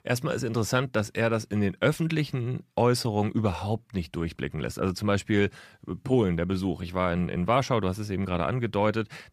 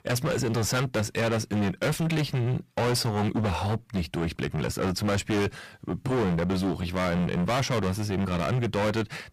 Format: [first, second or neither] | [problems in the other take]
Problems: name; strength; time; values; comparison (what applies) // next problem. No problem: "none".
first | distortion; heavy; 25% of the sound clipped